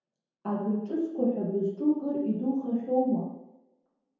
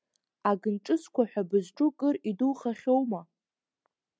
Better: second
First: room echo; dies away in 0.9 s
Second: none

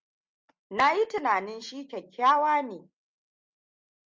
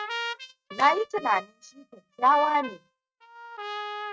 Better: first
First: none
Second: noise reduction (neural mask model RNNoise)

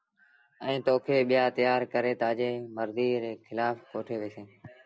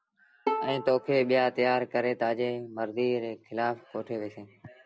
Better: first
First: none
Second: background sound (Bowed string instrument); 9 dB below the speech

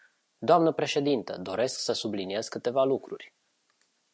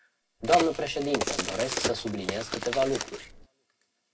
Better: first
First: none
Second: background sound (Crack); 4 dB below the speech // room echo; dies away in 0.2 s

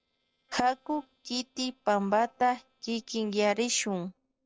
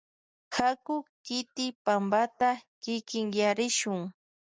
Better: second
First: noise reduction (neural separator model SepFormer DNS4)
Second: none

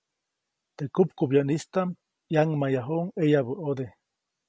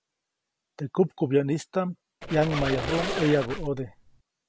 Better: first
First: none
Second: background sound (Squeak); 5 dB below the speech

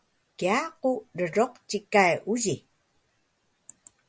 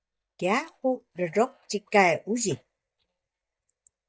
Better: first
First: none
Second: noise reduction (neural mask model DeepFilterNet 3)

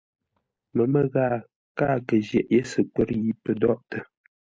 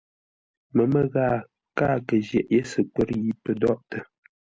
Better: second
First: noise reduction (neural mask model DeepFilterNet 3)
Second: none

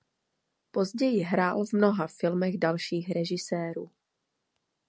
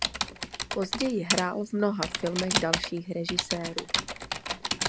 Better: first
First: none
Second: background sound (Typing); as loud as the speech

